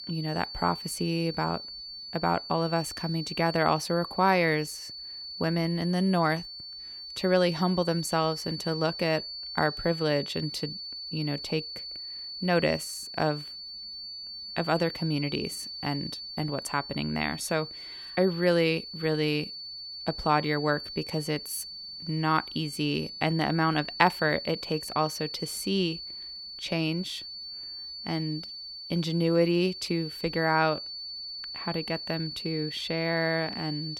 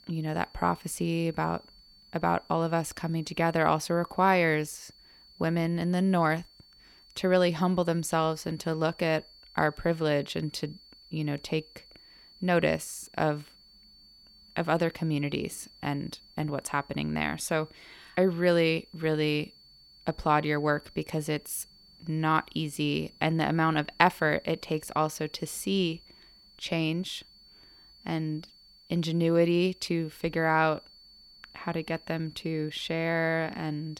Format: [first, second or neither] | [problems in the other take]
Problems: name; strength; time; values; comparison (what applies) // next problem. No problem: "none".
second | high-pitched whine; loud; throughout; 4.5 kHz, 8 dB below the speech; faint in the second